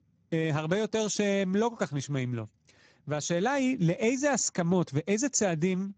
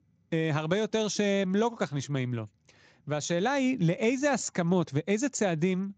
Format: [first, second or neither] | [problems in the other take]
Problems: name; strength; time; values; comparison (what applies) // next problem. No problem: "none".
second | garbled, watery; badly; nothing above 7.5 kHz; slightly in the second